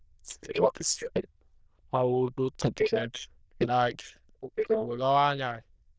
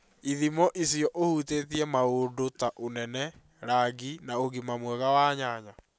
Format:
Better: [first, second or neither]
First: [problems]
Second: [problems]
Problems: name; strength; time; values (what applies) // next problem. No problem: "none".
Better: second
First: noise reduction (neural diffusion model UNIVERSE++)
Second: none